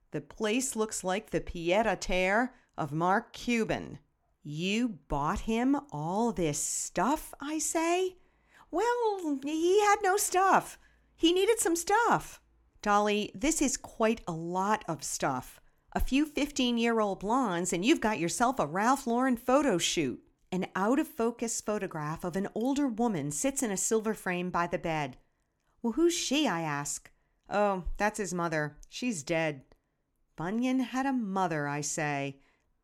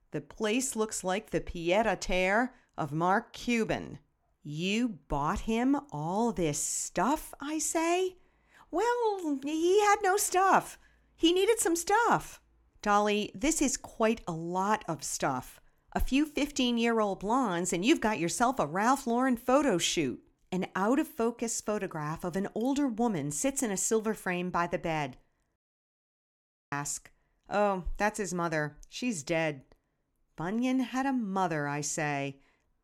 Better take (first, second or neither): first